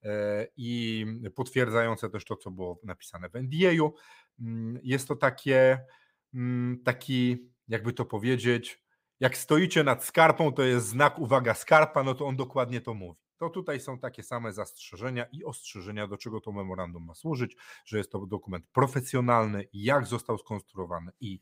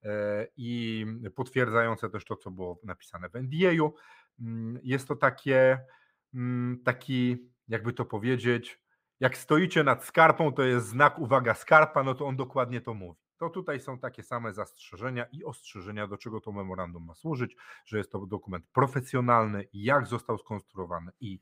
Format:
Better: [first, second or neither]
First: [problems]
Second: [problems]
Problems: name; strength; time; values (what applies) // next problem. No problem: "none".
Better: first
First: none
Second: muffled; slightly; fading above 3.5 kHz